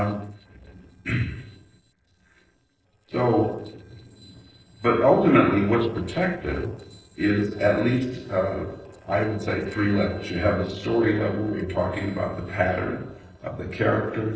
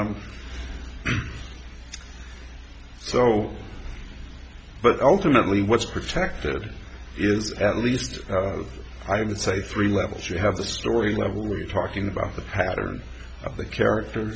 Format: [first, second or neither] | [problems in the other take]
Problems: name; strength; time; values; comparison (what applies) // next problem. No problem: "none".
second | noise reduction (neural separator model SepFormer DNS4)